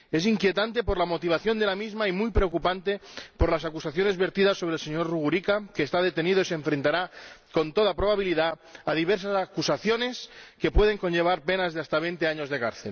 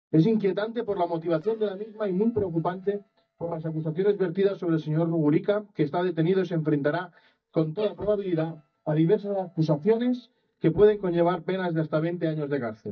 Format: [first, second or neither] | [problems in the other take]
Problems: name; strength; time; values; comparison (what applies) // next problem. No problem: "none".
first | noise reduction (neural mask model DeepFilterNet 3)